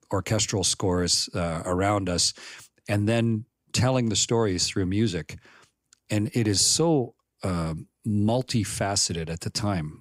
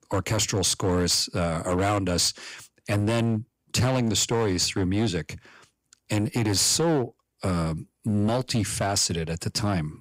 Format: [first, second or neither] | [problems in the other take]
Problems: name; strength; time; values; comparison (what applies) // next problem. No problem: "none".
first | distortion; slight; 10% of the sound clipped